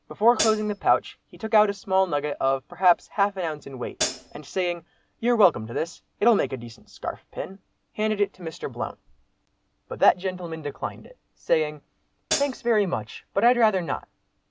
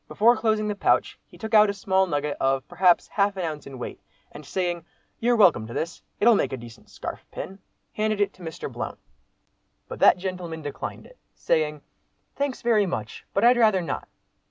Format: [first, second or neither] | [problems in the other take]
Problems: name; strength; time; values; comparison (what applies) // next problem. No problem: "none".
second | background sound (Hi-hat); 4 dB below the speech